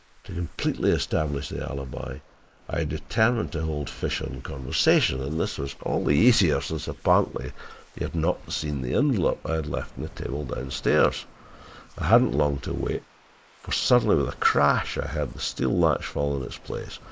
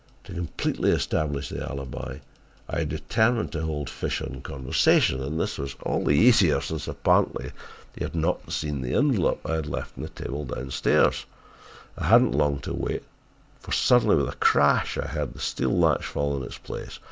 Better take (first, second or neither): second